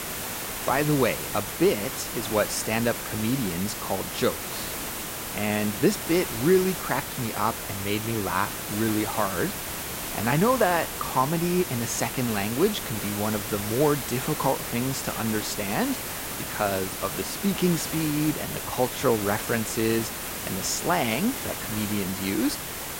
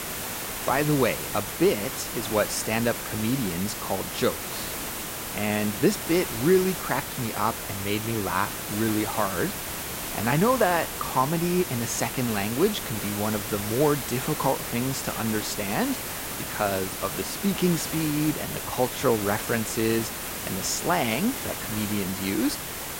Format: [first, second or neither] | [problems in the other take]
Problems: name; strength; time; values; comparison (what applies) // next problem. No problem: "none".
neither | hiss; loud; throughout; 4 dB below the speech; the same in both